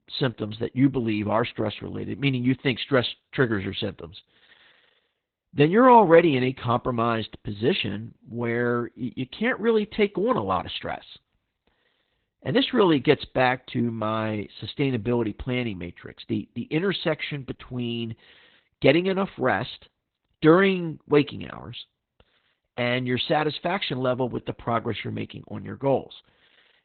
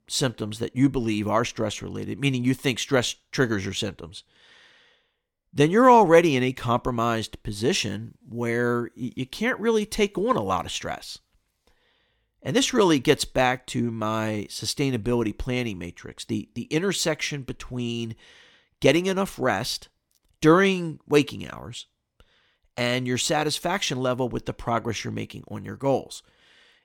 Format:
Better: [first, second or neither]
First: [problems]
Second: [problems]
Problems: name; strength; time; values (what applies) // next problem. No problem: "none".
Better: second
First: garbled, watery; badly; nothing above 4 kHz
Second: none